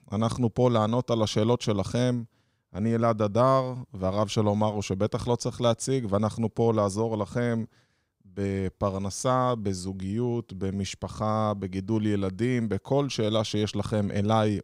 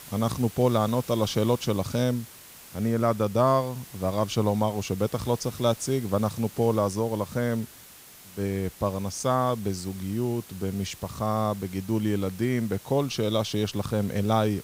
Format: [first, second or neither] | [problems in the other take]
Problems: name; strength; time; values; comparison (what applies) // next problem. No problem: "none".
first | hiss; noticeable; throughout; 20 dB below the speech